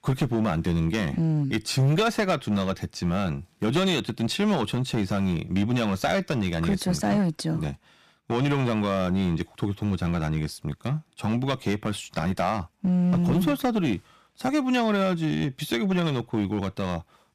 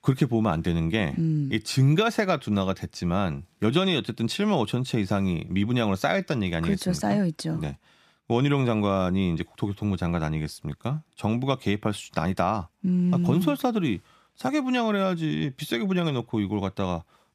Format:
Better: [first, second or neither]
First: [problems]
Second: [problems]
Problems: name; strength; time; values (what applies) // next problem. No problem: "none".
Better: second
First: distortion; slight; 7% of the sound clipped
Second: none